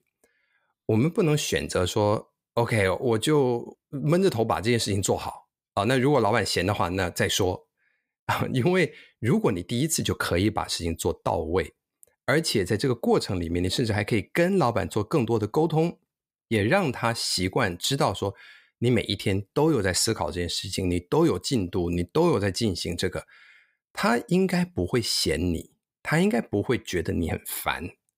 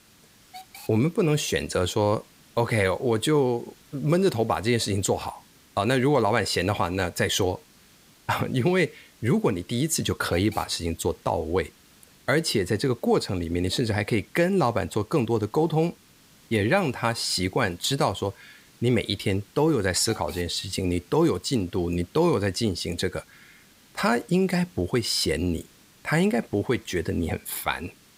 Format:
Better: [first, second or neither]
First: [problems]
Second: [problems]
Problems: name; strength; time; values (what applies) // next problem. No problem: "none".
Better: first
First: none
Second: hiss; faint; throughout; 25 dB below the speech